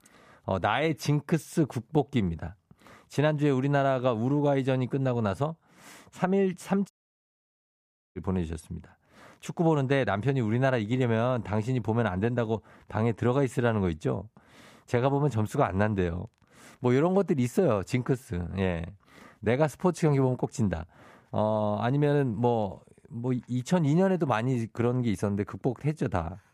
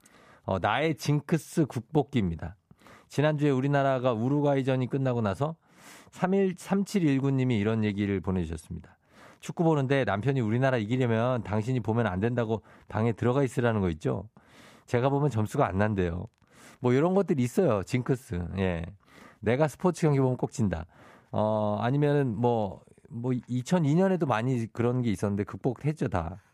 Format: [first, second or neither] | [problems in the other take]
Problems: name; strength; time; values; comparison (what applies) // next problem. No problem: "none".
second | audio cutting out; at 7 s for 1.5 s